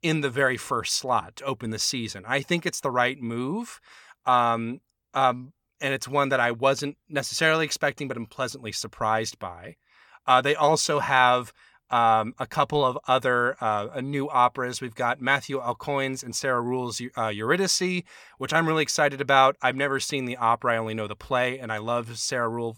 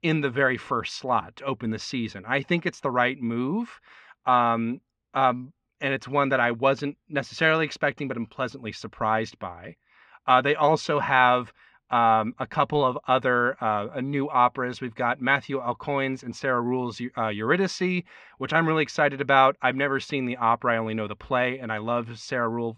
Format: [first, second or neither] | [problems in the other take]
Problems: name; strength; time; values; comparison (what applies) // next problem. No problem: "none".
first | muffled; slightly; fading above 2.5 kHz